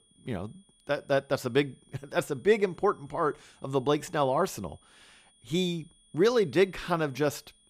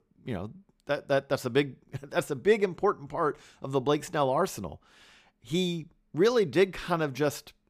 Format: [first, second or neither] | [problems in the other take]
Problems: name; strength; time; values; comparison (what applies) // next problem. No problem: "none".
second | high-pitched whine; faint; throughout; 3.5 kHz, 35 dB below the speech